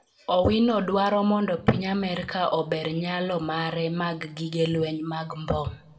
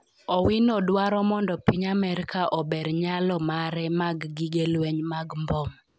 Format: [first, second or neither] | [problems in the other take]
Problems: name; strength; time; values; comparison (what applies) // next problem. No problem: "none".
second | room echo; dies away in 0.5 s